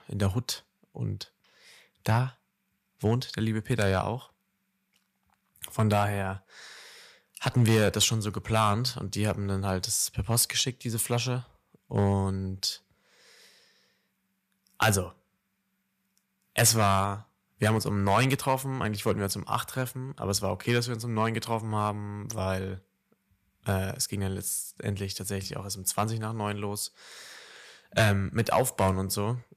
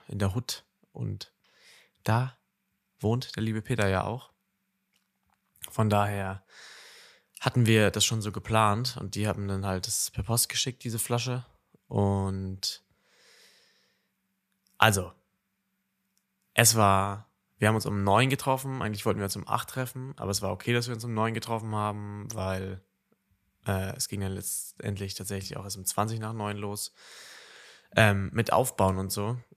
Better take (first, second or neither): second